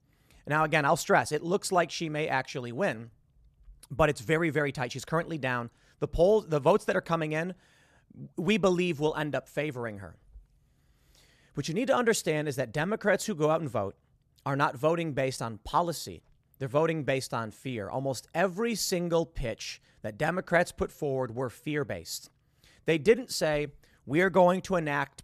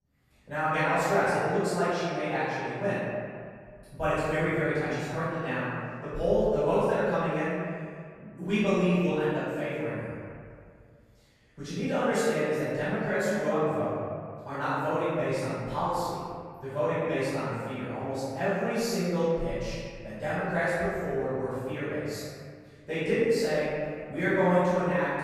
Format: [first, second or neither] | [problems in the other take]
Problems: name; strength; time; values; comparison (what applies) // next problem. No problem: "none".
first | off-mic speech; far // room echo; strong; dies away in 2 s